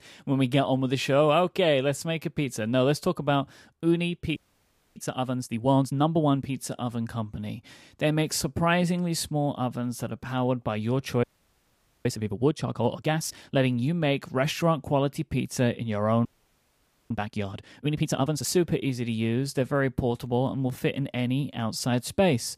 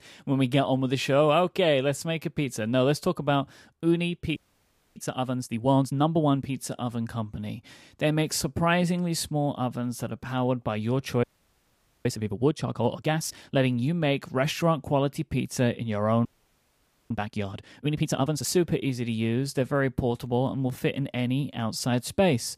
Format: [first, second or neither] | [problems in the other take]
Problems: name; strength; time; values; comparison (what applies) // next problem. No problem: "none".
neither | audio freezing; at 4.5 s for 0.5 s, at 11 s for 1 s and at 16 s for 1 s; the same in both